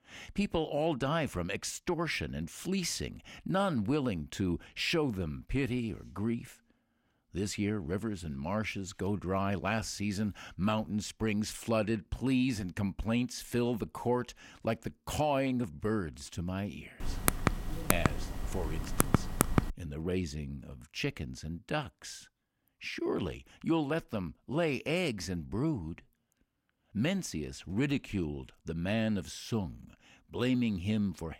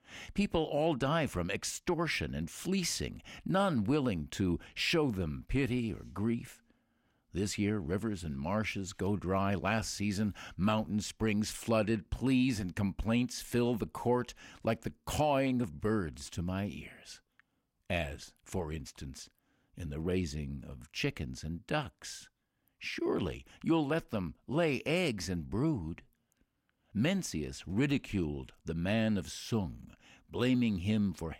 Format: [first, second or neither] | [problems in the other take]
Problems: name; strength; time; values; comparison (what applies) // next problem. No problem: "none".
second | keyboard typing; loud; from 17 to 20 s; peak 4 dB above the speech